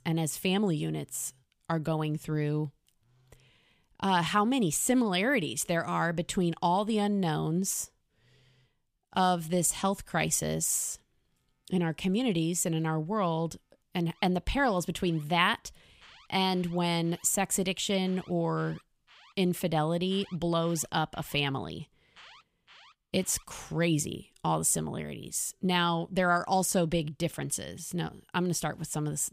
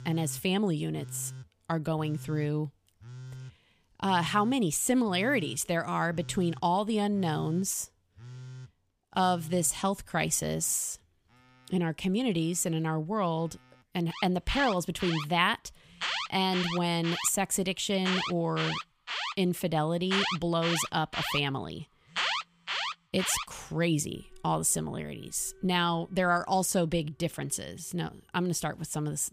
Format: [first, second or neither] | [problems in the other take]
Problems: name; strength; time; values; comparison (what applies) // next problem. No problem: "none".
first | alarms or sirens; loud; throughout; 6 dB below the speech; faint in the first